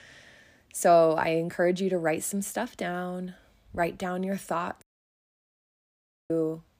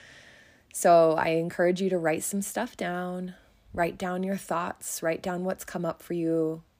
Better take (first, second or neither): second